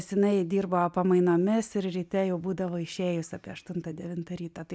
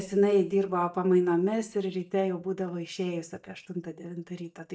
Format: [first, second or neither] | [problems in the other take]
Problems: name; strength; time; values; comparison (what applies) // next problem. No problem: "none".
first | noise reduction (neural mask model DeepFilterNet 3)